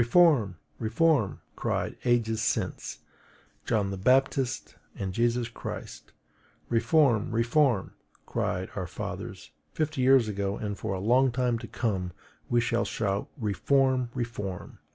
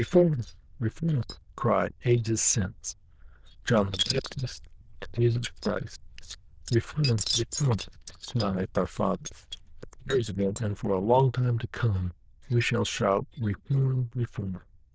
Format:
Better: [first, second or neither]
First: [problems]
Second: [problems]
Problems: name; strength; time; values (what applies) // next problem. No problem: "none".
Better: first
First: none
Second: noise reduction (neural diffusion model UNIVERSE++)